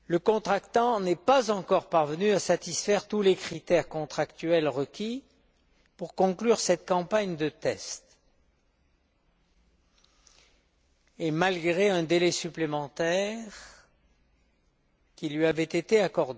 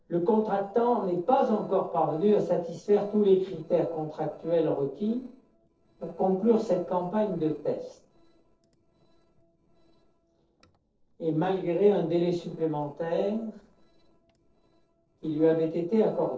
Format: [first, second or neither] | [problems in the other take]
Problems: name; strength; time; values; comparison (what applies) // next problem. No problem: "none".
first | noise reduction (neural separator model SepFormer DNS4)